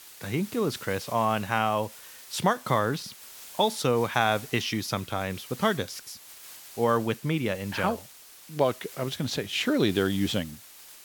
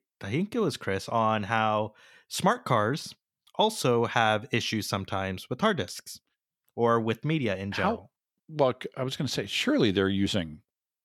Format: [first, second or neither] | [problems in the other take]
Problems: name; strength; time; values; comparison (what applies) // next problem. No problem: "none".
second | hiss; noticeable; throughout; 15 dB below the speech